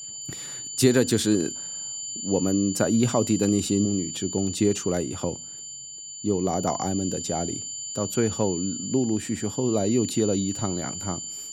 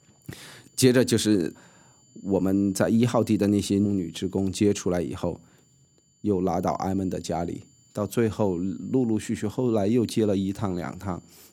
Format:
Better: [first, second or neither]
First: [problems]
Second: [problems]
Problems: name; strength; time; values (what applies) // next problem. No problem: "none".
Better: second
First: high-pitched whine; loud; throughout; 7 kHz, 7 dB below the speech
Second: high-pitched whine; faint; throughout; 7 kHz, 35 dB below the speech